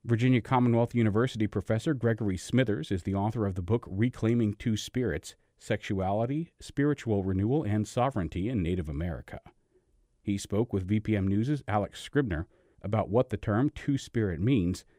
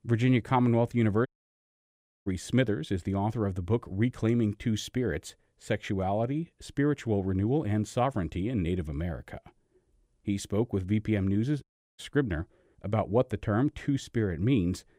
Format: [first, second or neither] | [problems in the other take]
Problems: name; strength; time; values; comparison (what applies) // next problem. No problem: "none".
first | audio cutting out; at 1.5 s for 1 s and at 12 s